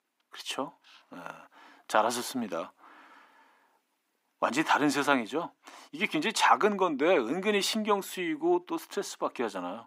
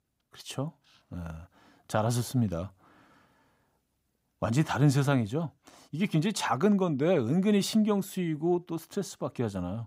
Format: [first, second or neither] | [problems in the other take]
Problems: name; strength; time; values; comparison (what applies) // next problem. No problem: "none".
second | thin; somewhat; fading below 300 Hz